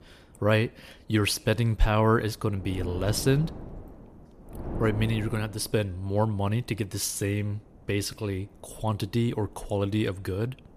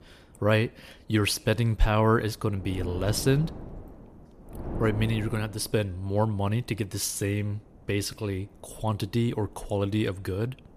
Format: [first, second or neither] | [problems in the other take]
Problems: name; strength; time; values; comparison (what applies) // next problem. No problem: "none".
neither | wind noise on the microphone; occasional gusts; 15 dB below the speech; the same in both